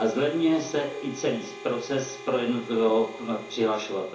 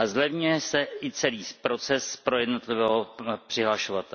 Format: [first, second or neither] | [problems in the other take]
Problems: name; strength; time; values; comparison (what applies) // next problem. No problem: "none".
second | background sound (Harmonica); 15 dB below the speech // room echo; dies away in 0.7 s